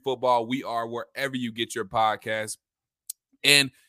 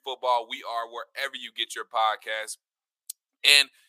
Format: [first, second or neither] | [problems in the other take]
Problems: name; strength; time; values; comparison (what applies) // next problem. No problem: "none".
first | thin; very; fading below 550 Hz